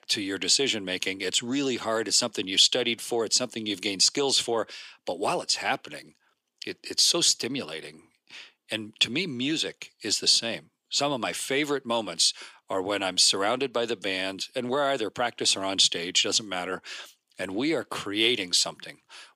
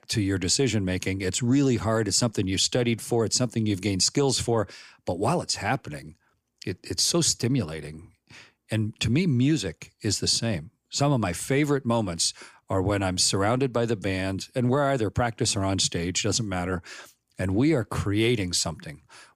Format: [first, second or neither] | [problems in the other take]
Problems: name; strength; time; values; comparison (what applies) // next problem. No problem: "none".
second | thin; somewhat; fading below 350 Hz